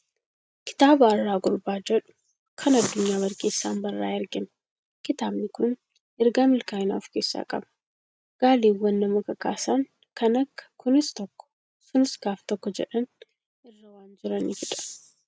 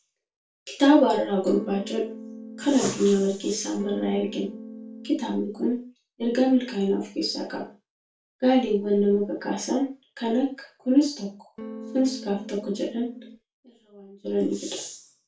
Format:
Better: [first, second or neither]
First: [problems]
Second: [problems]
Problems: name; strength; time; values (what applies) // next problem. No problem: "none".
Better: first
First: none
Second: background sound (Electric guitar / Strum); 14 dB below the speech // room echo; dies away in 0.3 s